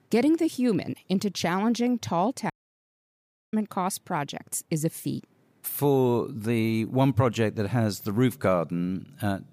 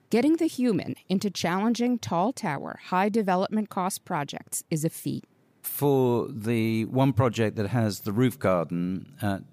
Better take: second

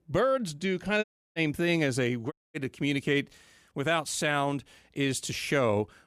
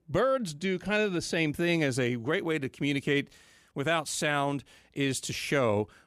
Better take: second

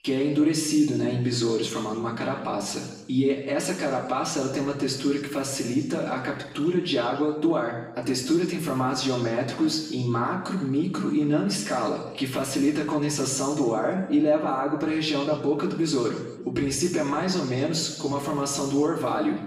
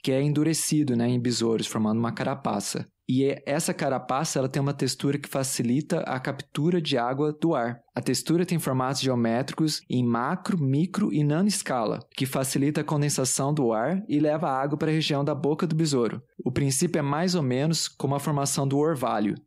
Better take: second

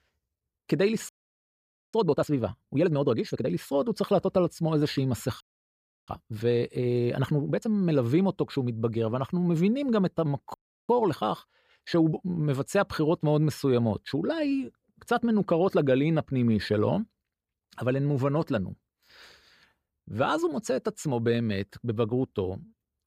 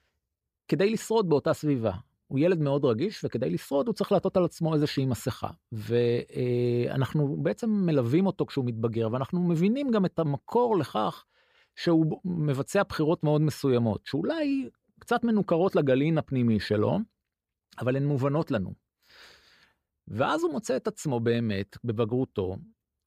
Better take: second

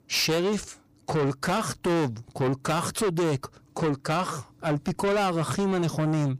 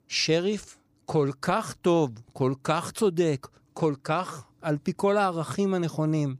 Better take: second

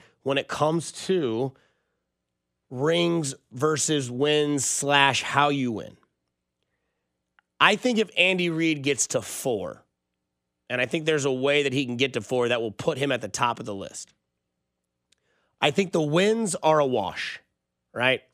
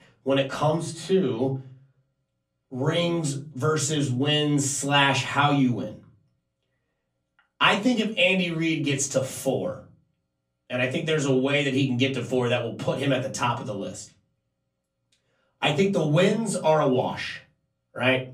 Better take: first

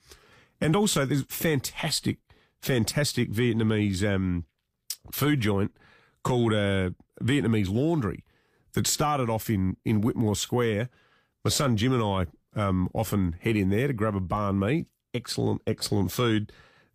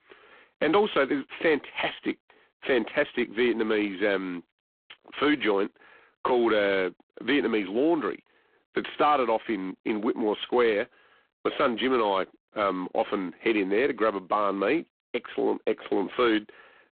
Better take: first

